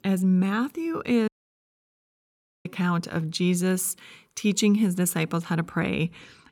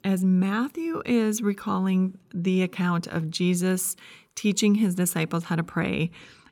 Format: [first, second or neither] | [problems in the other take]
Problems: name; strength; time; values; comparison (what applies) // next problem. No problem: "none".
second | audio cutting out; at 1.5 s for 1.5 s